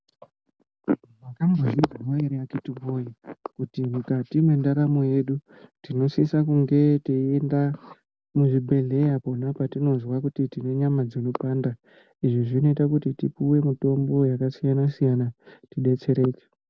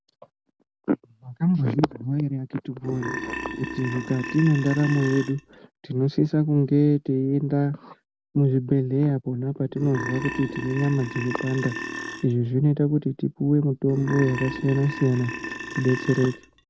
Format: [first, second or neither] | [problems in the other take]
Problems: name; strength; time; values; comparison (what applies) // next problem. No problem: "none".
first | background sound (Burping, eructation); 9 dB below the speech